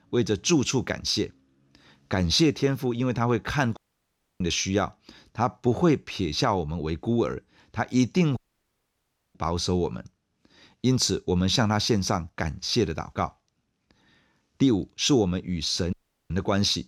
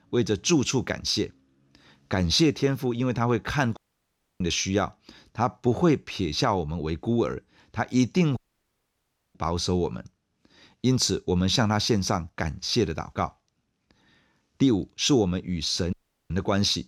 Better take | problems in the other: neither | audio cutting out; at 4 s for 0.5 s, at 8.5 s for 1 s and at 16 s; the same in both

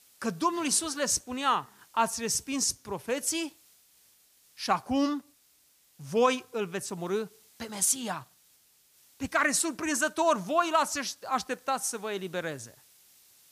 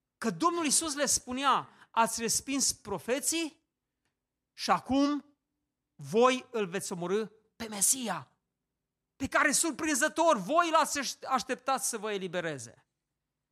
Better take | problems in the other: second | hiss; faint; throughout; 30 dB below the speech

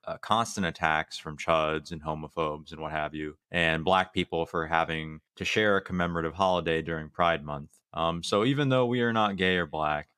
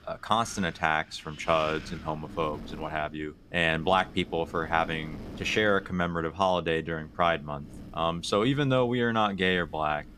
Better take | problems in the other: first | wind noise on the microphone; occasional gusts; 20 dB below the speech

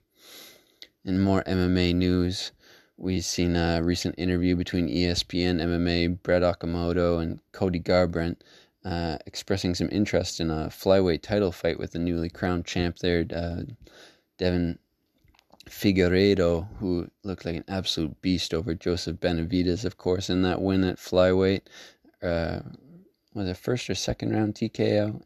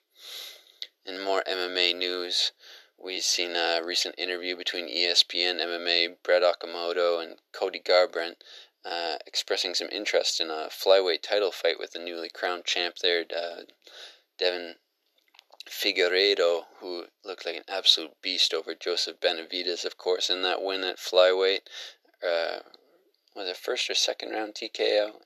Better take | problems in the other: first | thin; very; fading below 450 Hz

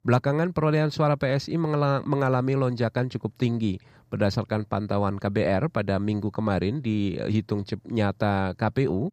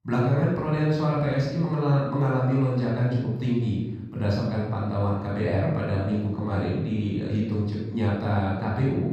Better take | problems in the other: first | off-mic speech; far // room echo; noticeable; dies away in 1.1 s

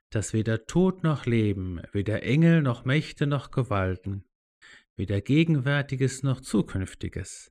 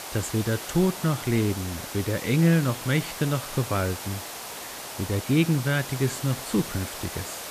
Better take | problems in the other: first | hiss; loud; throughout; 9 dB below the speech

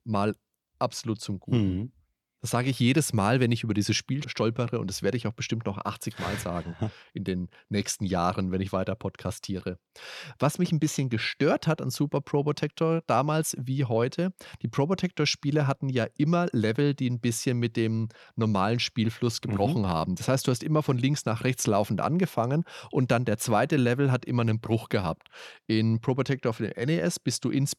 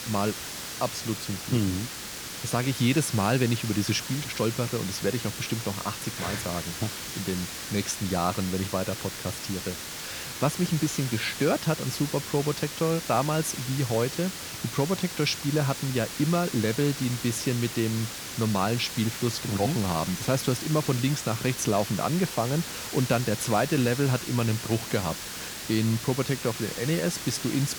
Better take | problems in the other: first | hiss; loud; throughout; 6 dB below the speech

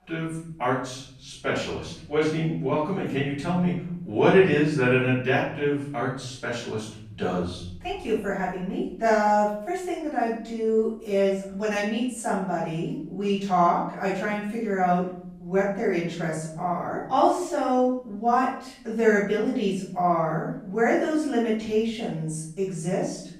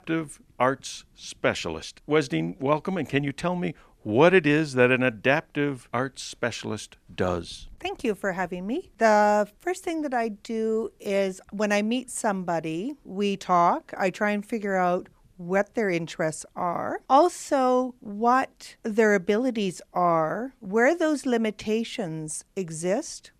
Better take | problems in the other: second | off-mic speech; far // room echo; noticeable; dies away in 1 s

